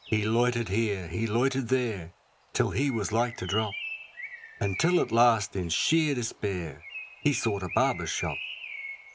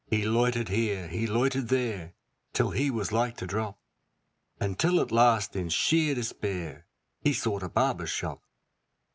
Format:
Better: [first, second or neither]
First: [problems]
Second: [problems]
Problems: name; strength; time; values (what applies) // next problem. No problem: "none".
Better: second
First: background sound (Bird); 14 dB below the speech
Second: none